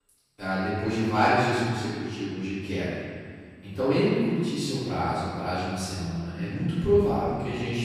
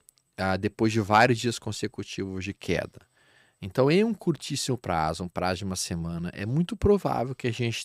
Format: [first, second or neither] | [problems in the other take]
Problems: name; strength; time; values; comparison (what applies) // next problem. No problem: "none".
second | off-mic speech; far // room echo; strong; dies away in 1.9 s